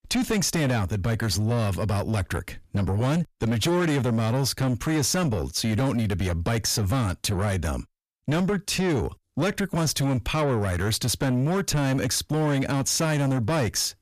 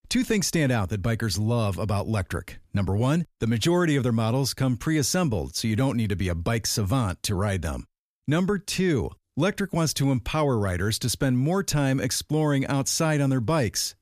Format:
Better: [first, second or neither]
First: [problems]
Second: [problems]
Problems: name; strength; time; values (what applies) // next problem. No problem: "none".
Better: second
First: distortion; slight; 10 dB below the speech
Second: none